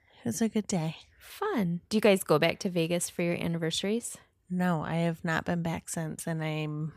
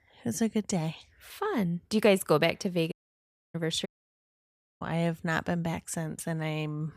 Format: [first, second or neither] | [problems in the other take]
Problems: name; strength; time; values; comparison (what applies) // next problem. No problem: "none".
first | audio cutting out; at 3 s for 0.5 s and at 4 s for 1 s